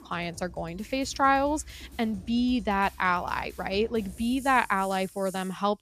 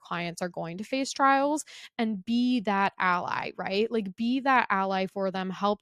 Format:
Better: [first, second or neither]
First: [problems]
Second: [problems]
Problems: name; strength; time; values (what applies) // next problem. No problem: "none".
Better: second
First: background music; noticeable; throughout; 20 dB below the speech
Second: none